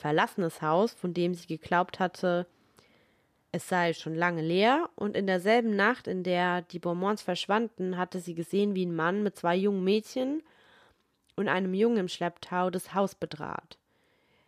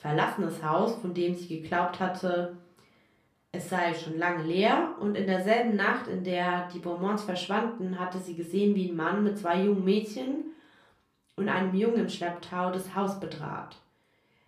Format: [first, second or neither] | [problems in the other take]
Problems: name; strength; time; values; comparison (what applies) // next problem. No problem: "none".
first | room echo; slight; dies away in 0.3 s // off-mic speech; far